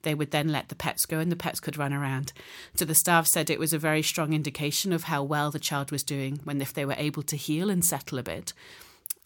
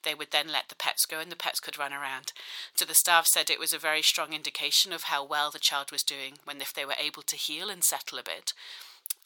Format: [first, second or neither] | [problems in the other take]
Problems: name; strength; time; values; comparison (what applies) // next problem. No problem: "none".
first | thin; very; fading below 850 Hz